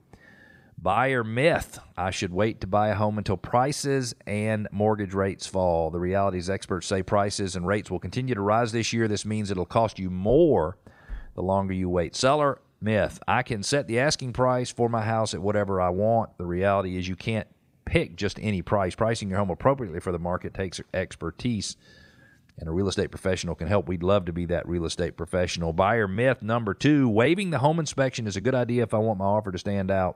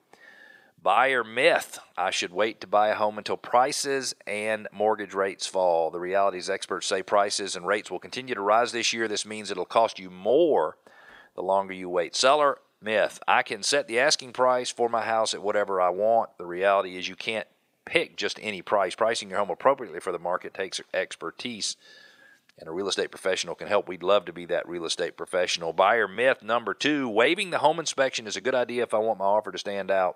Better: first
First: none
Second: thin; somewhat; fading below 450 Hz

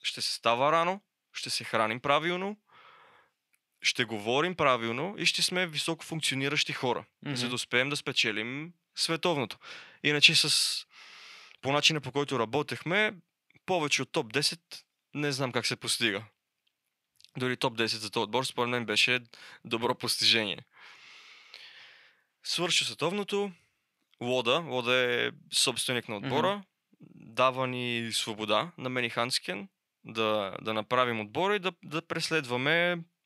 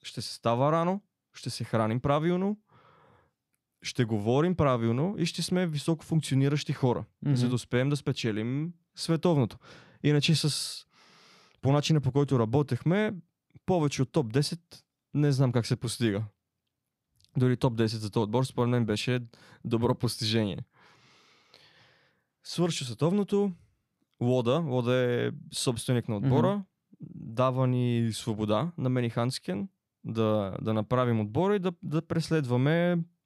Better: second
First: thin; somewhat; fading below 950 Hz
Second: none

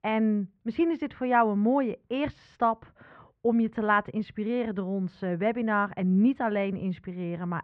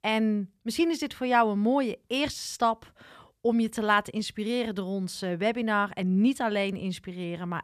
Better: second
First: muffled; very; fading above 2 kHz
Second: none

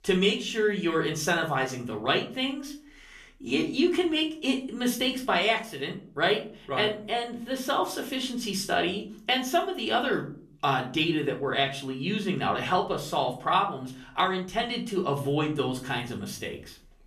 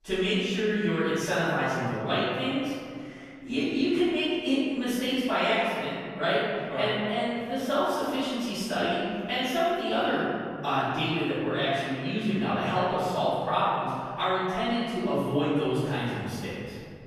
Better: first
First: room echo; slight; dies away in 0.4 s // off-mic speech; somewhat distant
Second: room echo; strong; dies away in 2.3 s // off-mic speech; far

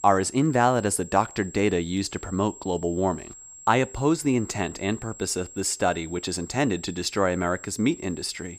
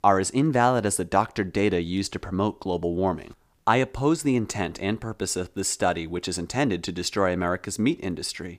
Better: second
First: high-pitched whine; noticeable; throughout; 7.5 kHz, 15 dB below the speech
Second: none

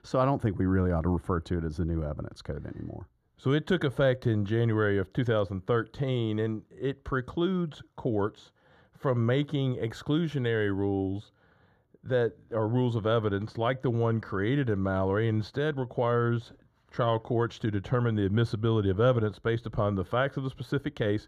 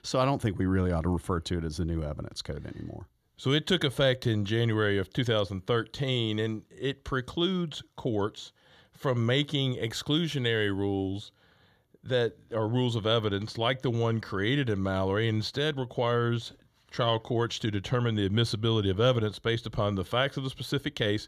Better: second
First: muffled; slightly; fading above 1.5 kHz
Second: none

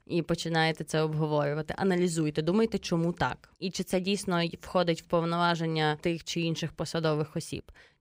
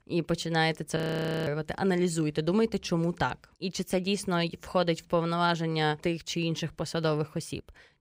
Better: first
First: none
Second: audio freezing; at 1 s for 0.5 s

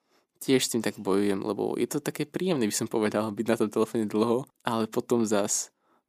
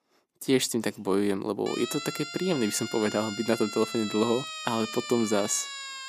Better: first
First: none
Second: siren; noticeable; from 1.5 s on; peak 7 dB below the speech

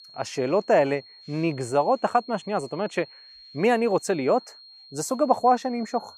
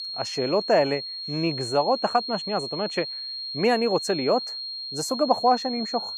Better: first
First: high-pitched whine; faint; throughout; 4.5 kHz, 20 dB below the speech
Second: high-pitched whine; loud; throughout; 4.5 kHz, 6 dB below the speech

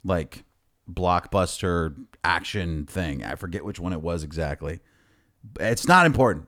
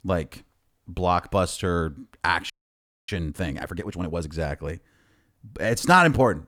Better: first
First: none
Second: audio freezing; at 2.5 s for 0.5 s

